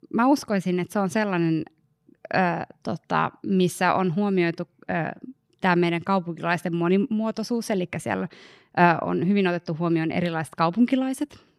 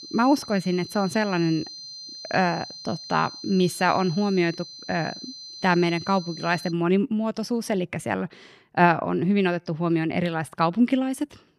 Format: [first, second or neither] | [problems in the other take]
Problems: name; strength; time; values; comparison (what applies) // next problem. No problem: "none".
first | high-pitched whine; noticeable; until 6.5 s; 4 kHz, 15 dB below the speech